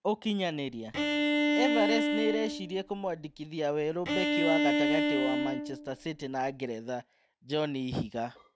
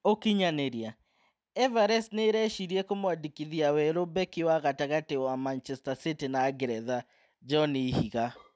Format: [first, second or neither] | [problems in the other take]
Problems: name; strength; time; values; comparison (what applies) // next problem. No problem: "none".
second | background sound (Bowed string instrument); 3 dB above the speech